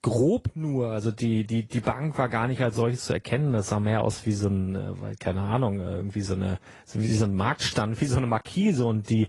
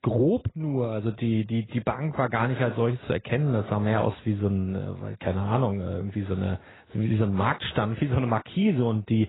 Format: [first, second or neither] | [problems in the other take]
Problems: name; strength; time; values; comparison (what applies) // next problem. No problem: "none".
first | garbled, watery; badly; nothing above 4 kHz; slightly in the first